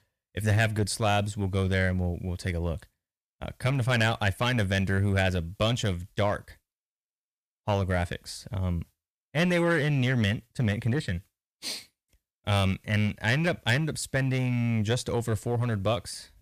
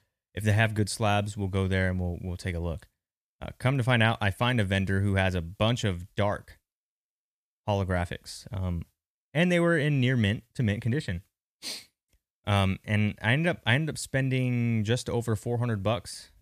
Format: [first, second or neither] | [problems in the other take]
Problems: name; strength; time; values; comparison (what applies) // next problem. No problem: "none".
second | distortion; slight; 7% of the sound clipped